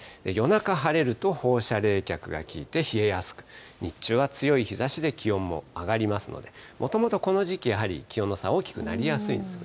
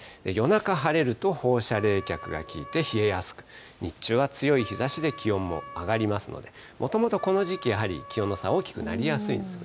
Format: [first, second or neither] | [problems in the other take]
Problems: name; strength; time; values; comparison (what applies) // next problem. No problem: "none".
first | background sound (Wind instrument, woodwind instrument); 16 dB below the speech